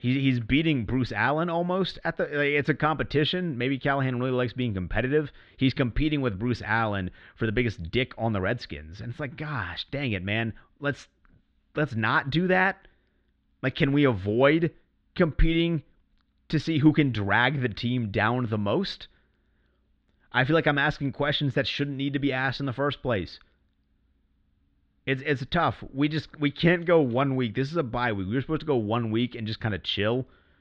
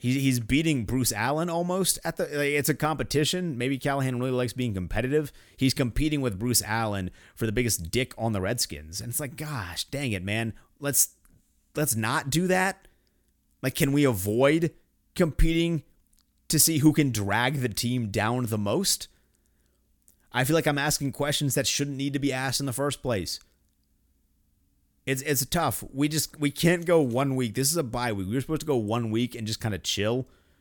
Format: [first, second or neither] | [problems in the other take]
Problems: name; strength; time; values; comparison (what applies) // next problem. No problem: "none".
second | muffled; very; fading above 3.5 kHz